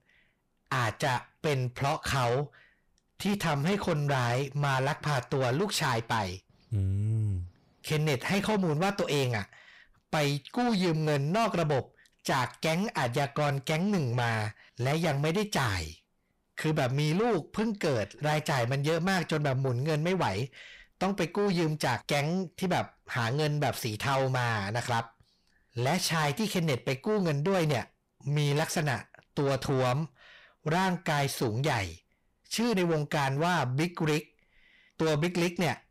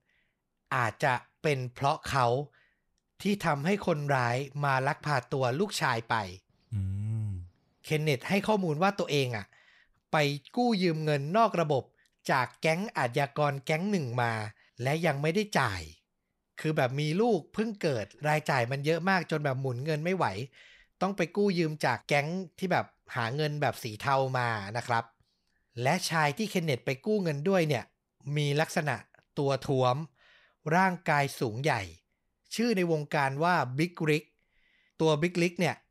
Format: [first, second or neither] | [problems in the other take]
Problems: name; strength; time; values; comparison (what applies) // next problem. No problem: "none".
second | distortion; heavy; 7 dB below the speech